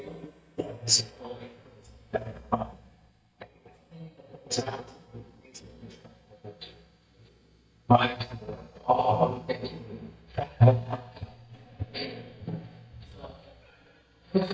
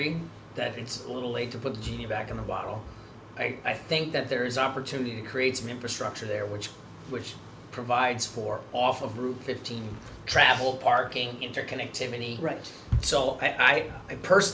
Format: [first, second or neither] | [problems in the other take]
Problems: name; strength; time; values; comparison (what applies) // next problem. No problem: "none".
second | noise reduction (neural mask model DeepFilterNet 3)